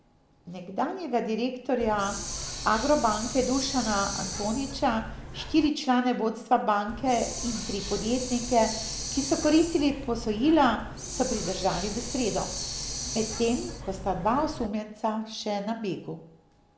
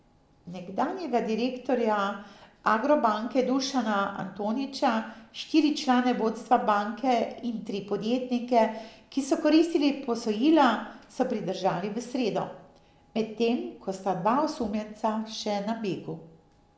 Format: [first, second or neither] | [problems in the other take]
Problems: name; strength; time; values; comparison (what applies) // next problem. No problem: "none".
second | background sound (Hiss); 8 dB below the speech